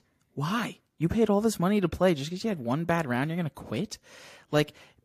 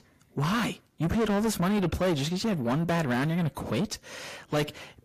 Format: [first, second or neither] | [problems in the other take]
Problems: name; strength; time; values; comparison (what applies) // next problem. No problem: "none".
first | distortion; heavy; 5 dB below the speech